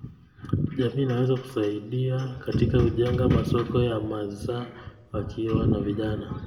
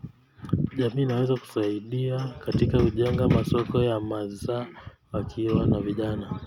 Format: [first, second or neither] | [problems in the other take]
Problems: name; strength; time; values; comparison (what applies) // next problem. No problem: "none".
second | room echo; dies away in 0.9 s